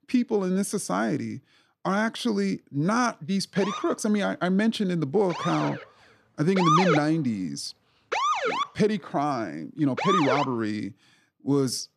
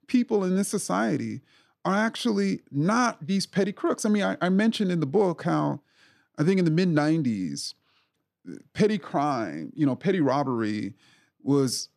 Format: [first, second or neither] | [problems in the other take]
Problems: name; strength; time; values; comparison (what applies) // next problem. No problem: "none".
second | siren; loud; from 3.5 to 10 s; peak 4 dB above the speech